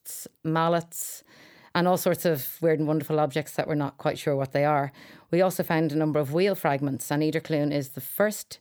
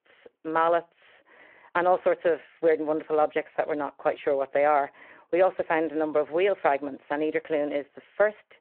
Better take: first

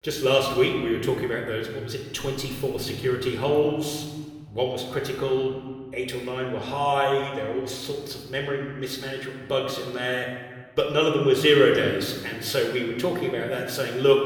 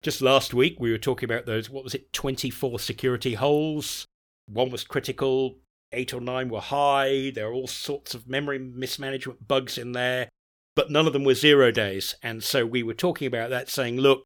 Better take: second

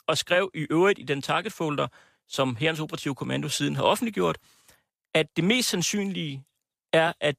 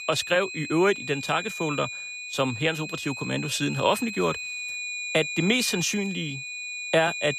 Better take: first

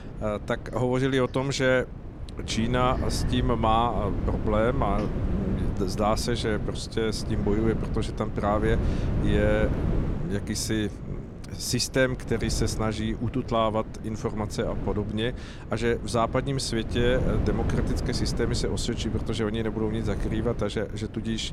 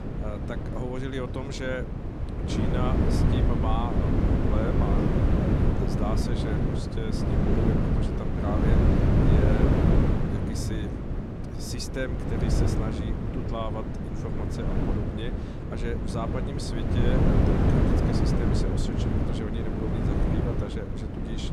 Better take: first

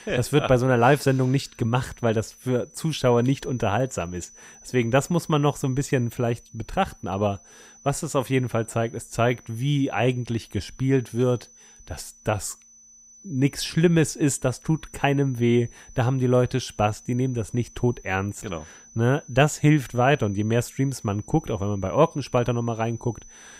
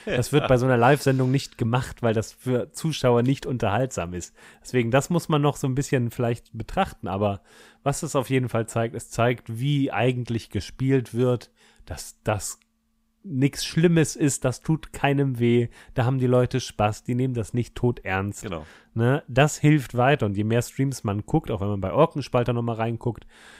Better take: second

